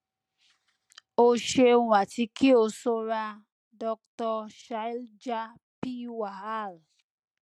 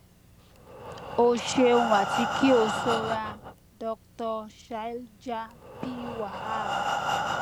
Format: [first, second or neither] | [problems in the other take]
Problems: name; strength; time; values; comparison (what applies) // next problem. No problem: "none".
first | background sound (Breathing); 4 dB below the speech